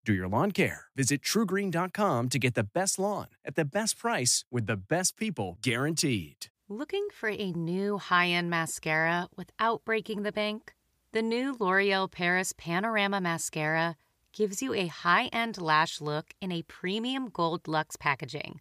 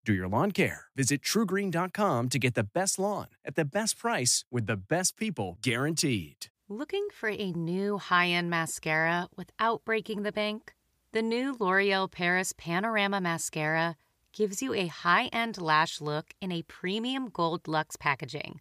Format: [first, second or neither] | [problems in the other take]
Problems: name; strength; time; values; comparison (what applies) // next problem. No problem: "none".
neither | none